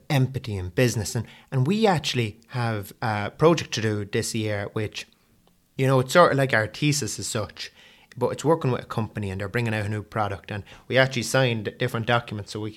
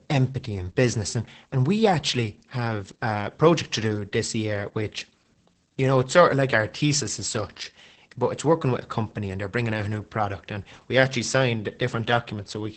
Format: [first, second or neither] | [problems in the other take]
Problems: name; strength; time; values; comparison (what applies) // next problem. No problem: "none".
first | garbled, watery; badly; nothing above 8 kHz